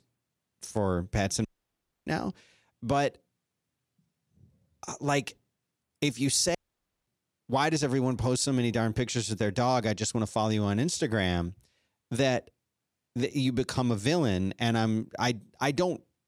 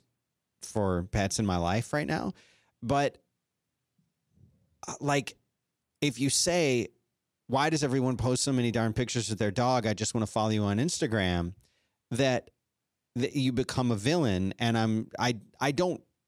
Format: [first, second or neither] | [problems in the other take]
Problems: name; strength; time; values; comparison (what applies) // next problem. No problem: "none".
second | audio cutting out; at 1.5 s for 0.5 s and at 6.5 s for 0.5 s